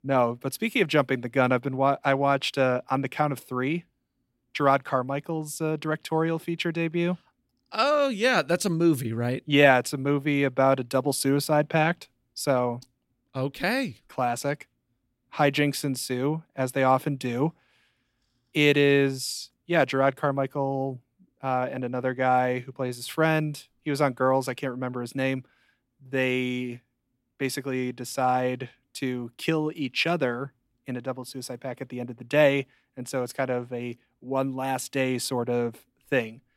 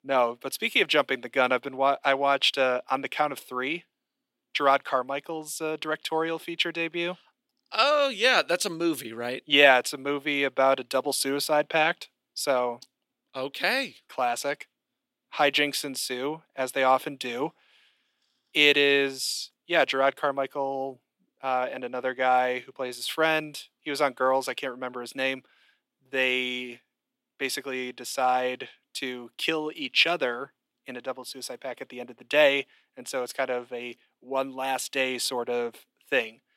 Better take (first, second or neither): first